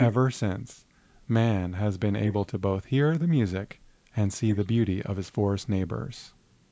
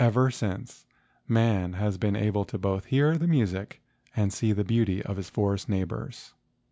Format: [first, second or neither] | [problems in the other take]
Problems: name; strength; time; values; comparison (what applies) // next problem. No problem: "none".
second | noise reduction (neural mask model Resemble Enhance denoiser)